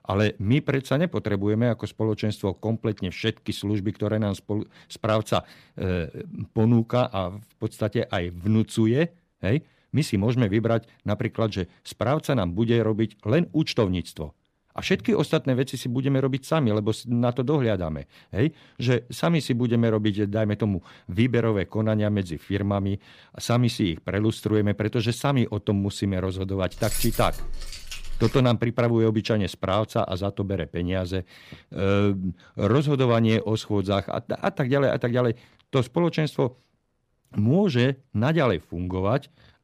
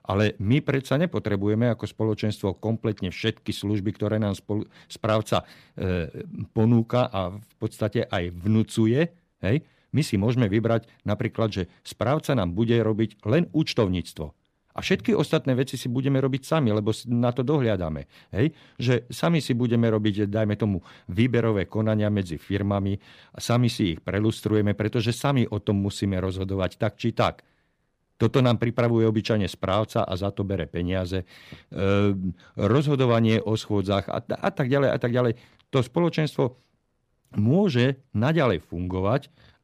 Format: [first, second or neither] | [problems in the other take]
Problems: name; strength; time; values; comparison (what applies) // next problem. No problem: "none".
second | jangling keys; noticeable; from 27 to 28 s; peak 5 dB below the speech